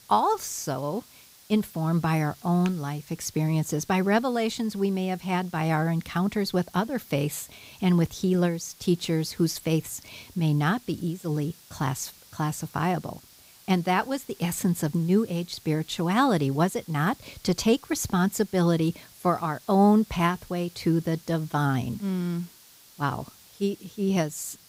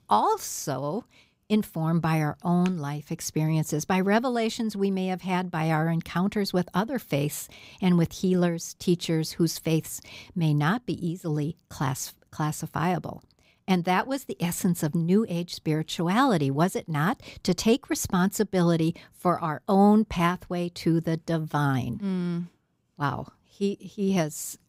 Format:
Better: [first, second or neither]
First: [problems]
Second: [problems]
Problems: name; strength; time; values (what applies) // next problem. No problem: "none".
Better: second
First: hiss; faint; throughout; 25 dB below the speech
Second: none